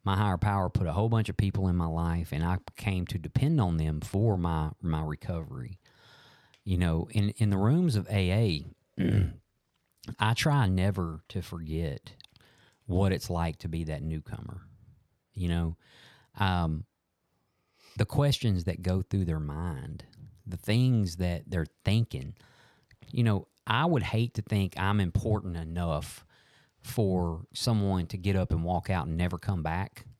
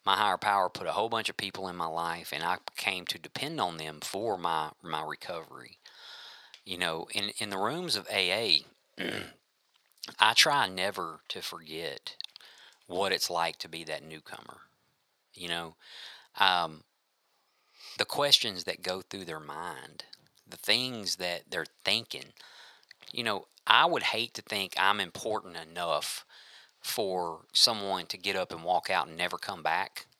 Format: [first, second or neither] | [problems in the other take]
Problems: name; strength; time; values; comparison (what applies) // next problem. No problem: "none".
first | thin; very; fading below 650 Hz